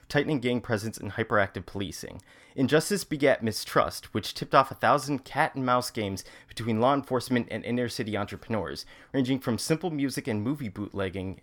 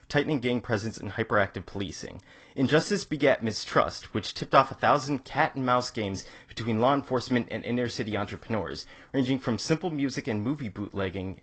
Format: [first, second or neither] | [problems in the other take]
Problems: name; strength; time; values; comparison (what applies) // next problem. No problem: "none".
first | garbled, watery; slightly; nothing above 8 kHz